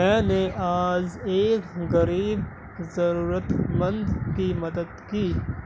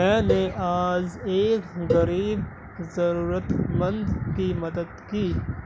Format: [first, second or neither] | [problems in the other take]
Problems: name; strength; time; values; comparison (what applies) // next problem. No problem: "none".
first | background sound (Cowbell); 9 dB below the speech